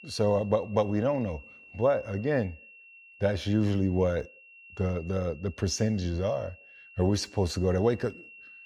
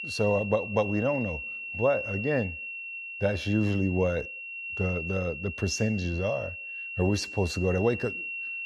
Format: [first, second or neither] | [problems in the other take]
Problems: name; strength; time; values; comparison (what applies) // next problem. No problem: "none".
first | high-pitched whine; loud; throughout; 2.5 kHz, 6 dB below the speech; faint in the first